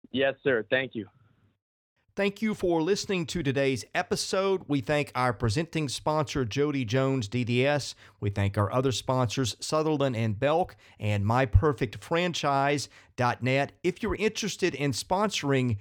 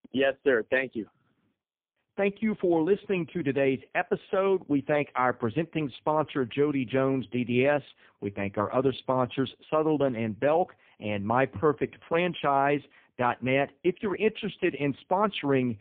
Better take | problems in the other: first | phone-call audio; poor line

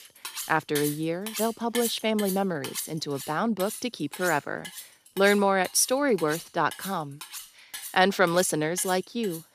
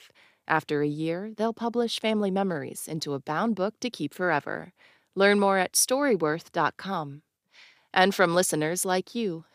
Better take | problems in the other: second | household noises; noticeable; throughout; 10 dB below the speech

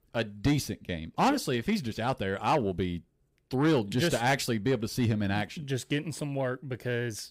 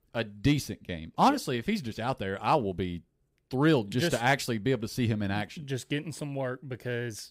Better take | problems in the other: second | distortion; slight; 10 dB below the speech

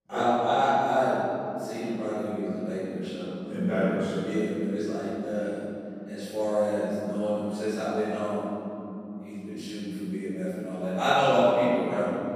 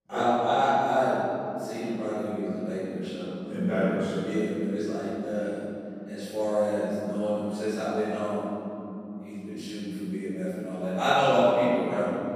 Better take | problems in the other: neither | off-mic speech; far; the same in both // room echo; strong; dies away in 3 s; the same in both

